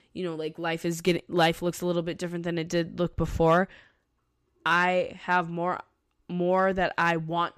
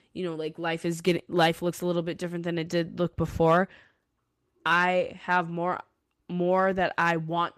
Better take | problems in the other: first | garbled, watery; slightly; nothing above 14.5 kHz

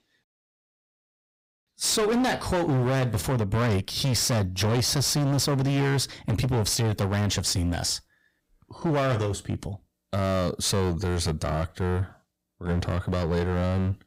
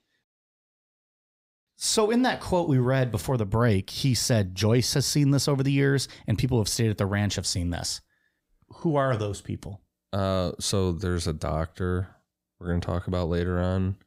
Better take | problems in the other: second | distortion; heavy; 18% of the sound clipped

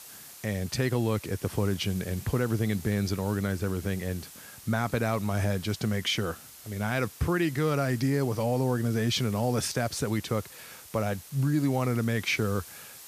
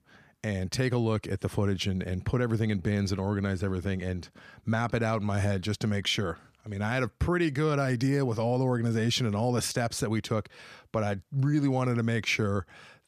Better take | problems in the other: second | hiss; noticeable; throughout; 15 dB below the speech

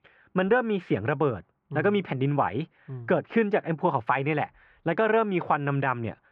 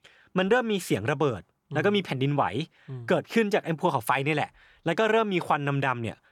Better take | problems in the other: second | muffled; very; fading above 2.5 kHz

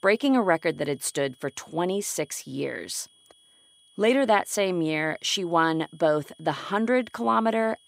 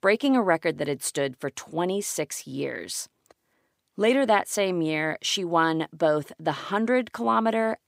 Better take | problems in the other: second | high-pitched whine; faint; throughout; 3.5 kHz, 30 dB below the speech

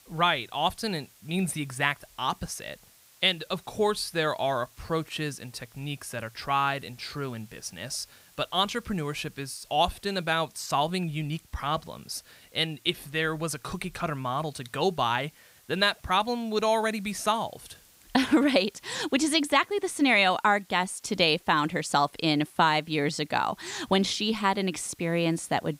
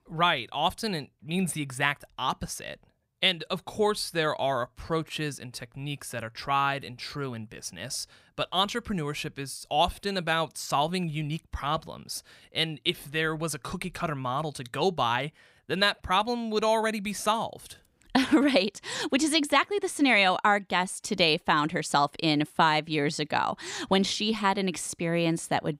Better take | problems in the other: second | hiss; faint; throughout; 30 dB below the speech

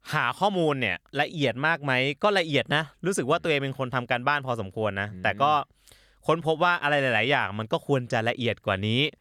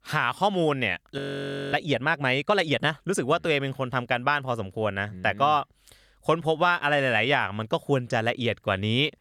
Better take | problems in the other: first | audio freezing; at 1 s for 0.5 s

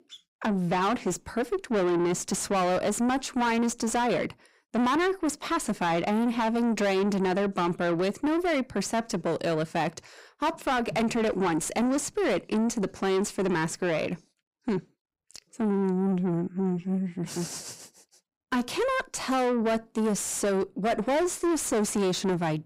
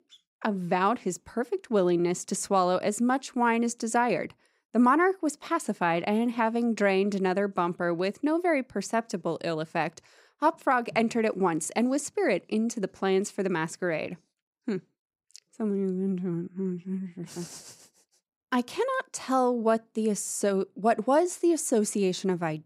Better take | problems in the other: second | distortion; heavy; 7 dB below the speech

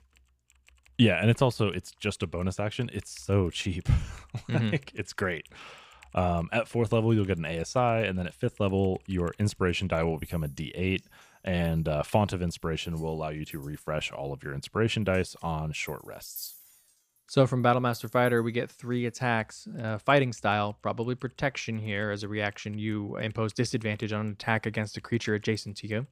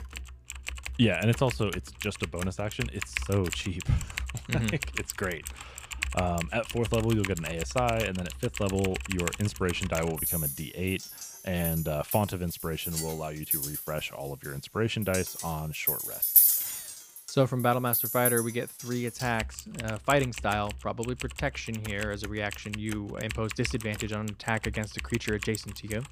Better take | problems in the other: first | household noises; loud; throughout; 1 dB below the speech; faint in the first

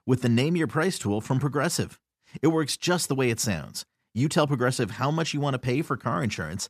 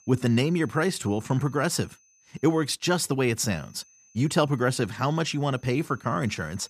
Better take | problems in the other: first | high-pitched whine; faint; until 2.5 s and from 3.5 s on; 6 kHz, 30 dB below the speech

